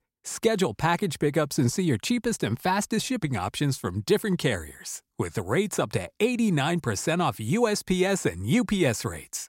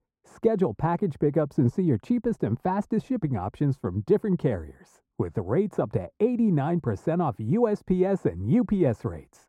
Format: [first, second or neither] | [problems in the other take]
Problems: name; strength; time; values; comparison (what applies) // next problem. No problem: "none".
first | muffled; very; fading above 1.5 kHz